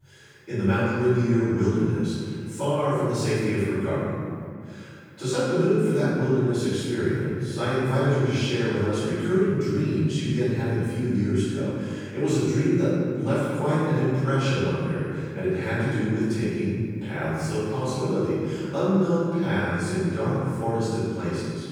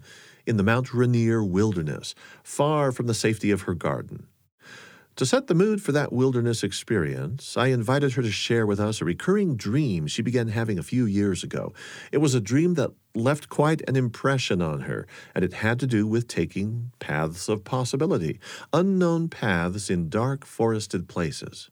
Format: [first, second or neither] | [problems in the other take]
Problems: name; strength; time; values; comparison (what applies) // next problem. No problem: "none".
second | off-mic speech; far // room echo; strong; dies away in 2 s